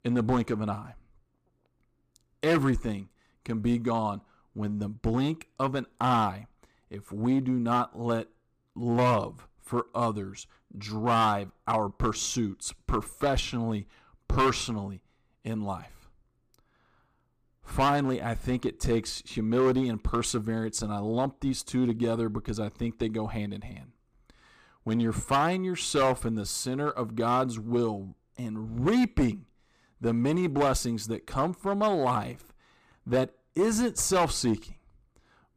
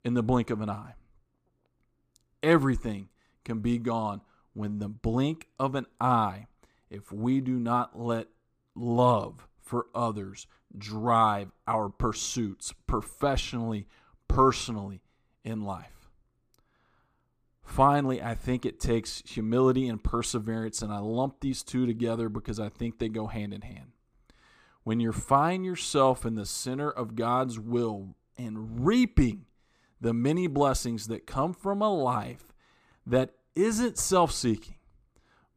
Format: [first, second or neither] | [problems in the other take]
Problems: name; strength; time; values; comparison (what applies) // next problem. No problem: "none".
second | distortion; slight; 4% of the sound clipped